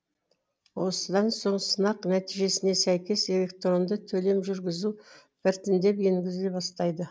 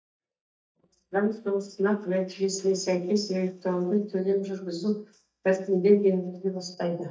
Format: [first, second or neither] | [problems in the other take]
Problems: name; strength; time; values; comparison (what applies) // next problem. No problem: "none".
first | noise reduction (neural mask model DeepFilterNet 3)